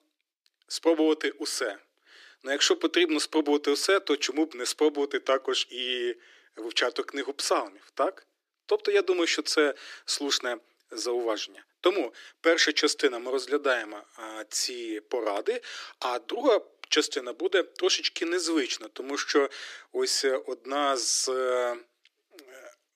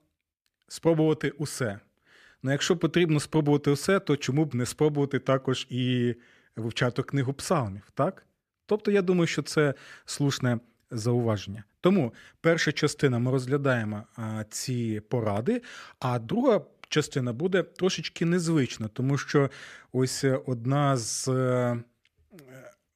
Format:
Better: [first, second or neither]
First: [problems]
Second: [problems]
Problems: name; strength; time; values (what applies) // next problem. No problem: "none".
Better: second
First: thin; somewhat; fading below 300 Hz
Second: none